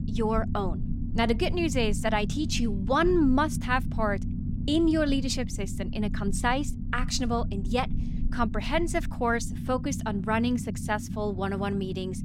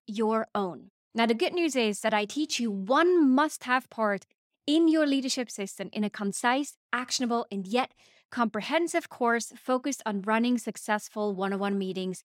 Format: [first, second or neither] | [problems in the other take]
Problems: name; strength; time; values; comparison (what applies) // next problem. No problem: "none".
second | low rumble; noticeable; throughout; 15 dB below the speech